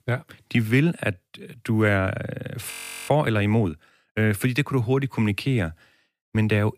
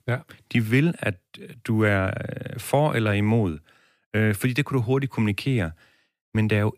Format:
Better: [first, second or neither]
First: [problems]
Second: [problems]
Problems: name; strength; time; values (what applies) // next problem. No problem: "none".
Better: second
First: audio freezing; at 2.5 s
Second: none